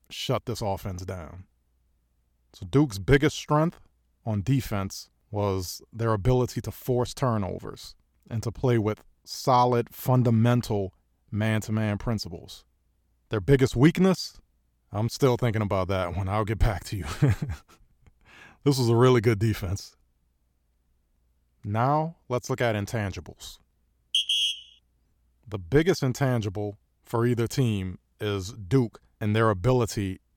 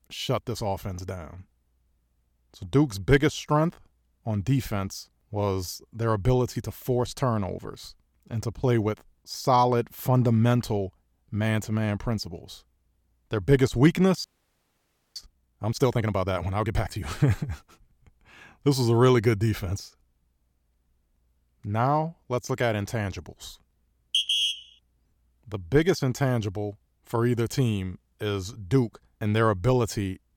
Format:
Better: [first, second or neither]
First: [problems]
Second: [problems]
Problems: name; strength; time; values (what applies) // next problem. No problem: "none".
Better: first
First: none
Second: audio freezing; at 14 s for 1 s